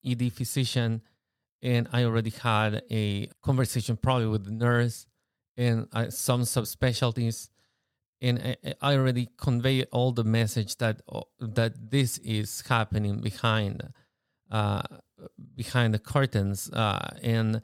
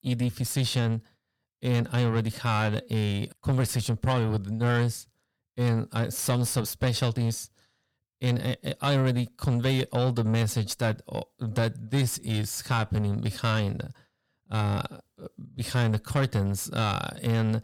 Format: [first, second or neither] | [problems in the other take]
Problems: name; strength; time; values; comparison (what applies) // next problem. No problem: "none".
first | distortion; slight; 10 dB below the speech